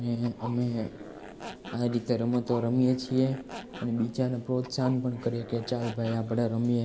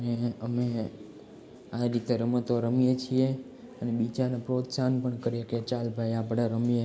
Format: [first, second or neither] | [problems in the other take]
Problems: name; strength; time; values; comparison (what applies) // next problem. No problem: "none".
second | background sound (Zipper (clothing)); 16 dB below the speech